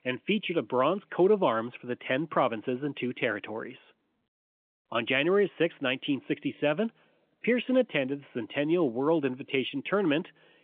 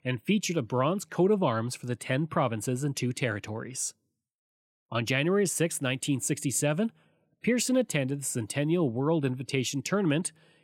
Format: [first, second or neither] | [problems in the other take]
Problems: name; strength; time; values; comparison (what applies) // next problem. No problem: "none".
second | phone-call audio; nothing above 3.5 kHz